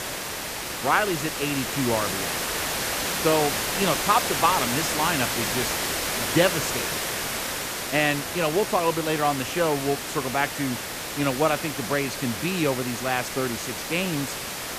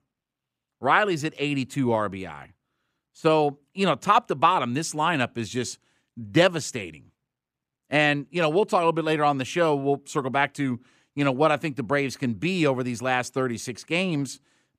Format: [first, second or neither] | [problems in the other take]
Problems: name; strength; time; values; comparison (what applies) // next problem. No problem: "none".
second | hiss; loud; throughout; 2 dB below the speech